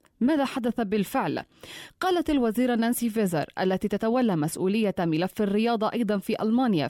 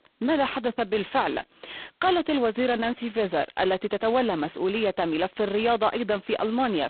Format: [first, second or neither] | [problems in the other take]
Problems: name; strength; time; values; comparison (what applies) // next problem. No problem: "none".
first | phone-call audio; poor line; nothing above 4 kHz